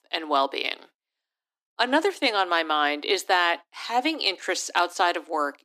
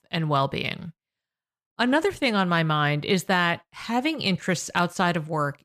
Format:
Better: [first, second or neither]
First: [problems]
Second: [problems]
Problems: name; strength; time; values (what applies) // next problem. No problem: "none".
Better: second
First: thin; somewhat; fading below 300 Hz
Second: none